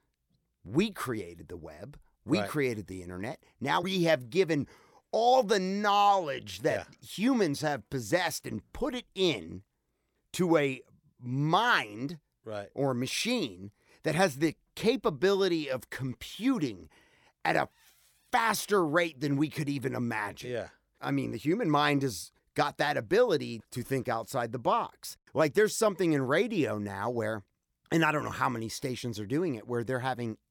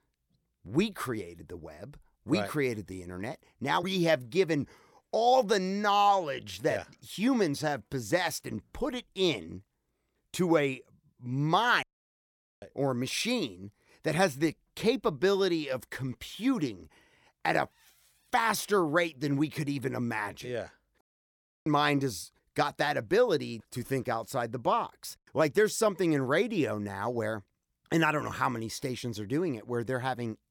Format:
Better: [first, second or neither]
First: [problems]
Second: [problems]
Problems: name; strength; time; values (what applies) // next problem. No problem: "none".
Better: first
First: none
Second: audio cutting out; at 12 s for 1 s and at 21 s for 0.5 s